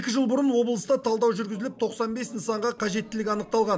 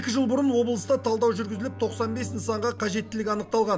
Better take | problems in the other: first | background sound (Bowed string instrument); 15 dB below the speech

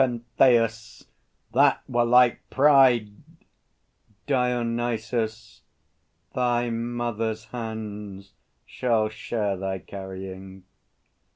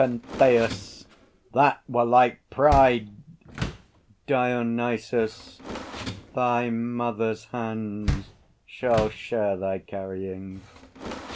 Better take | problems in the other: first | background sound (Door); 11 dB below the speech

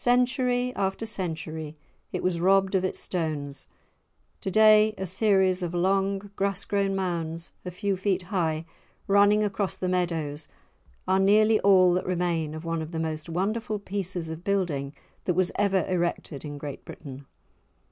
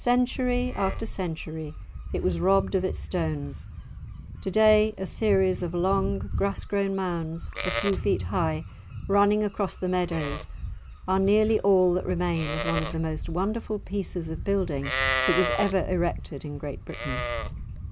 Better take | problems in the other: first | background sound (Livestock, farm animals, working animals); 6 dB below the speech

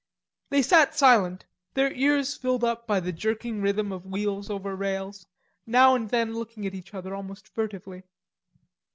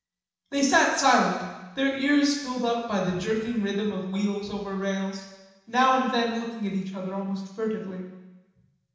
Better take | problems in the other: first | room echo; dies away in 1.1 s

